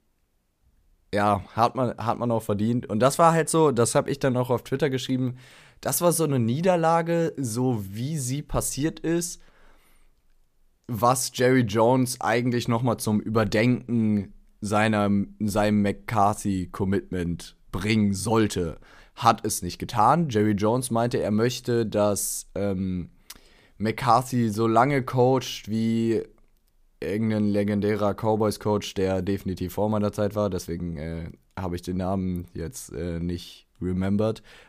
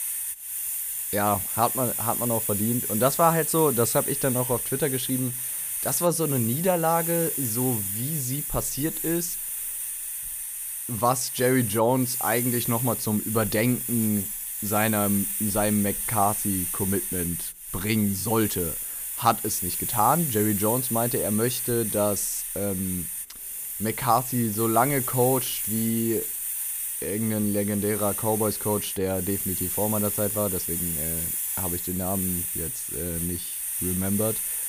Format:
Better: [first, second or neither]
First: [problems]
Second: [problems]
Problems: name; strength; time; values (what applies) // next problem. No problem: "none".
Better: first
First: none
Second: hiss; loud; throughout; 1 dB below the speech